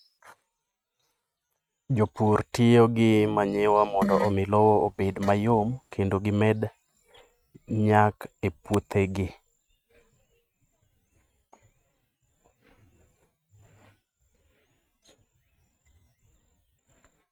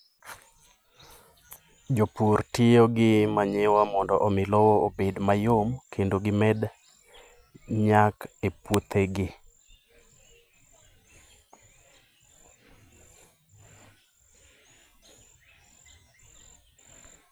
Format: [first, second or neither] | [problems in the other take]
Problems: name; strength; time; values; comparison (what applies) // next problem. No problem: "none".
second | noise reduction (neural mask model RNNoise)